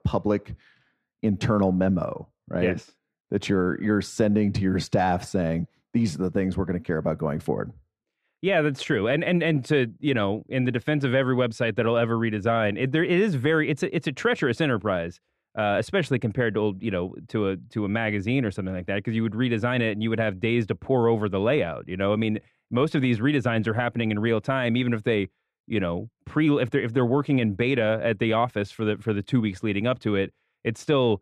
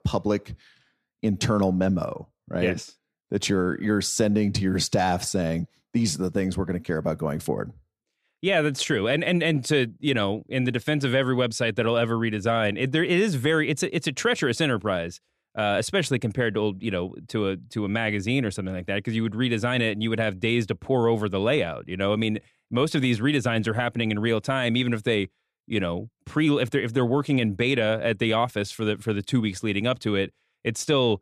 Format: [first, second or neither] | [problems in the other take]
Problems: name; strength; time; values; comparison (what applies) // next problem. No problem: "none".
second | muffled; slightly; fading above 3.5 kHz